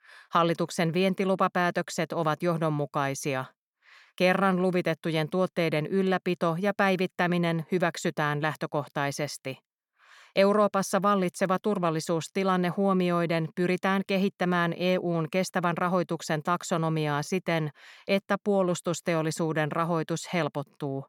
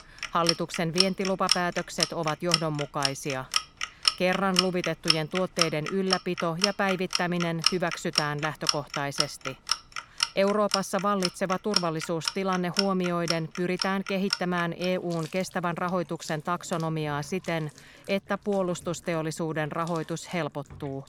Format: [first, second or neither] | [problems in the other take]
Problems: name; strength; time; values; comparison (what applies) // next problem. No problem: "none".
first | household noises; very loud; throughout; as loud as the speech